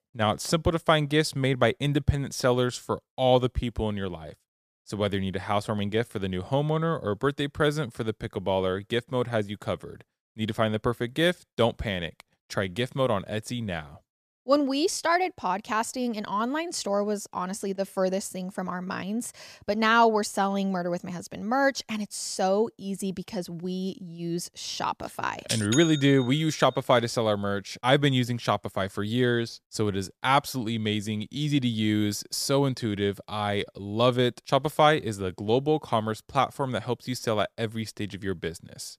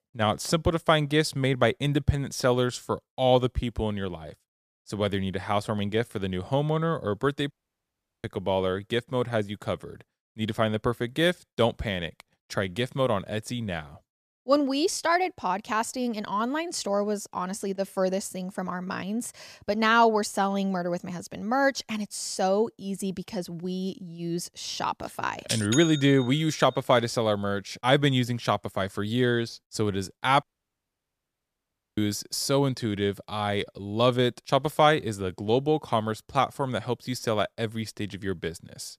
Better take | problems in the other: first | audio cutting out; at 7.5 s for 0.5 s and at 30 s for 1.5 s

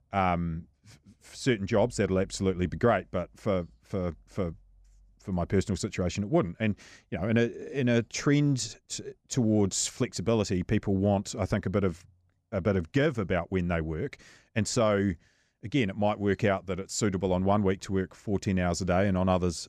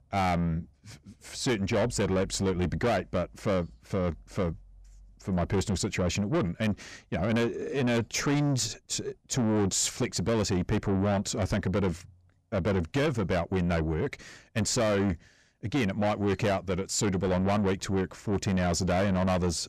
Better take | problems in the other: first | distortion; heavy; 8 dB below the speech

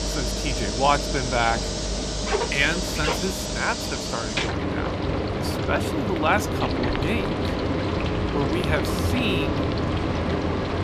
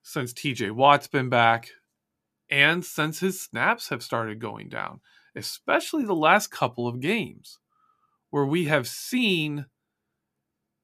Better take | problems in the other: second | household noises; very loud; throughout; 1 dB above the speech

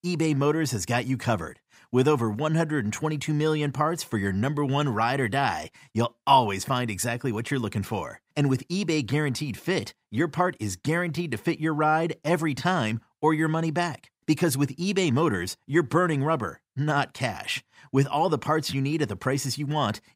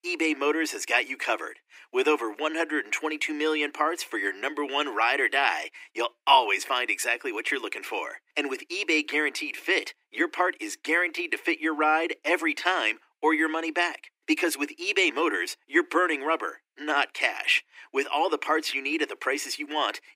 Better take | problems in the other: first | thin; very; fading below 300 Hz

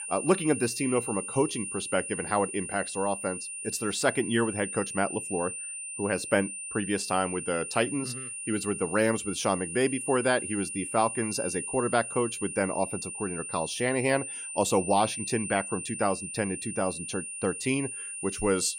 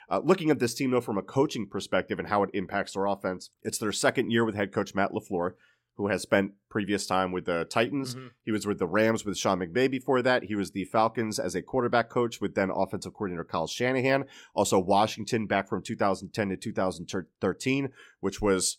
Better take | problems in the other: second | high-pitched whine; loud; throughout; 9 kHz, 5 dB below the speech

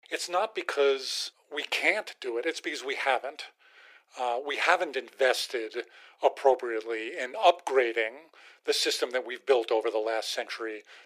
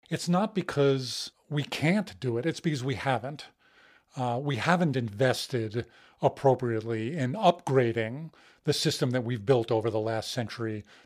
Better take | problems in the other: second | thin; very; fading below 350 Hz

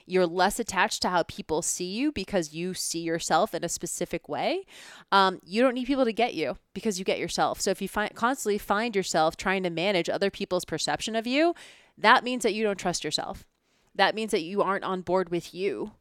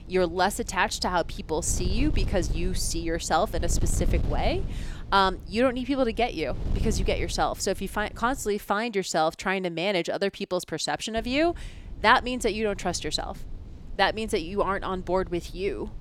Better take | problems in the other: first | wind noise on the microphone; occasional gusts; until 8.5 s and from 11 s on; 20 dB below the speech

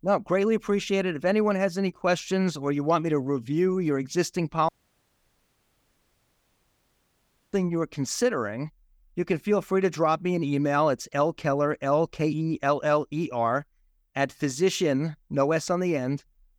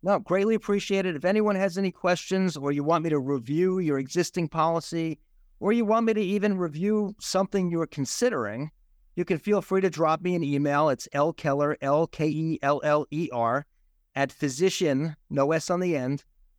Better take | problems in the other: second | audio cutting out; at 4.5 s for 3 s

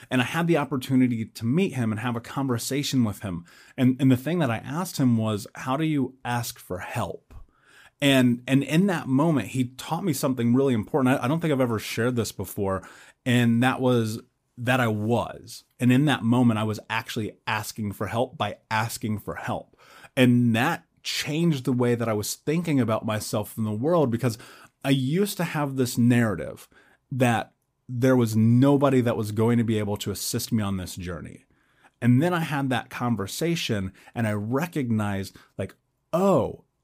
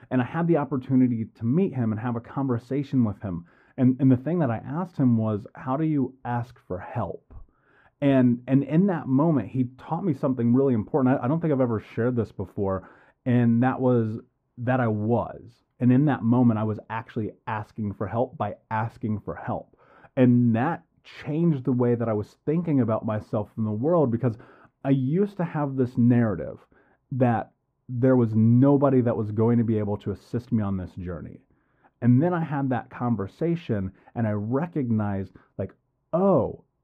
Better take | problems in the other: first | muffled; very; fading above 3 kHz

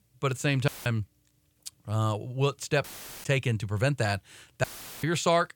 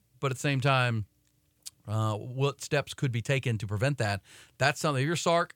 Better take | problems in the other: second | audio cutting out; filled with static; at 0.5 s, at 3 s and at 4.5 s

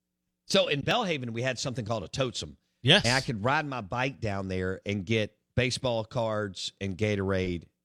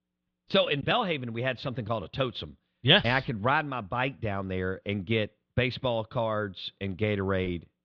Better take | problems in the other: first | muffled; slightly; fading above 3.5 kHz

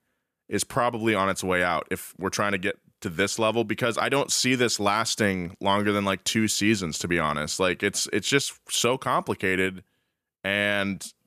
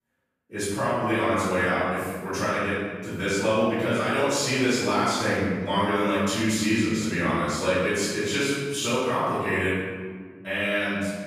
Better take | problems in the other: first | room echo; strong; dies away in 1.6 s // off-mic speech; far

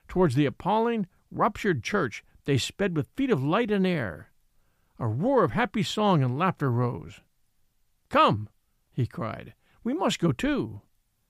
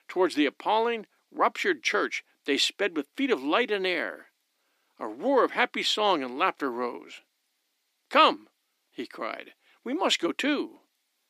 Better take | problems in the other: first | thin; somewhat; fading below 300 Hz

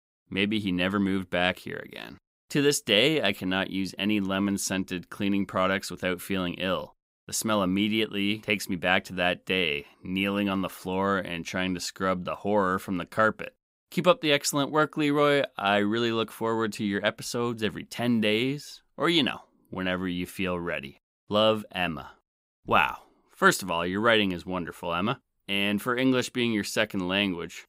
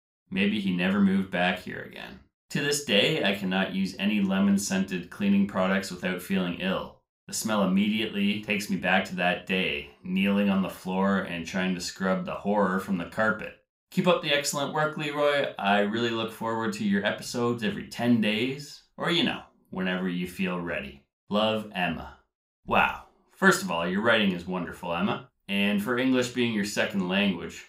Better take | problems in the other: first | room echo; slight; dies away in 0.3 s

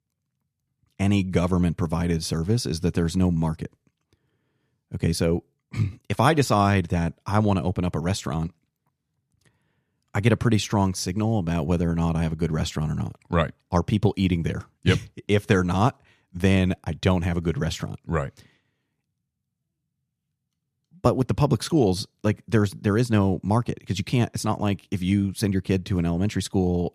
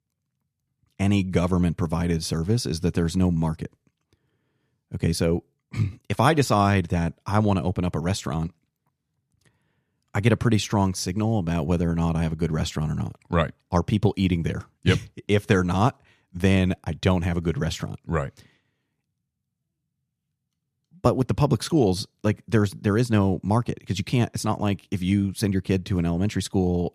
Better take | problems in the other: neither | none

